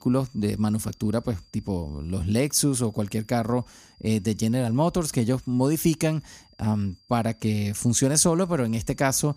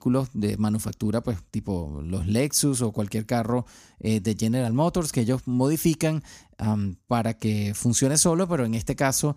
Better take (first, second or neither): second